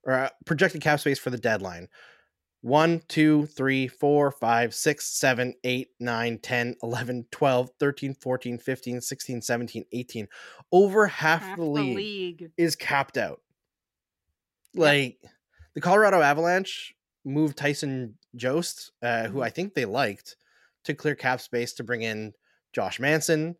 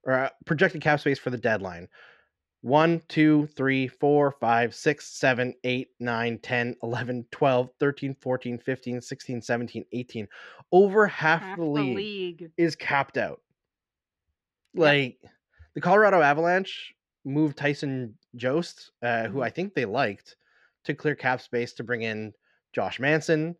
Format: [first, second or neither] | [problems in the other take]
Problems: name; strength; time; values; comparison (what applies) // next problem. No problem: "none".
first | muffled; very slightly; fading above 3.5 kHz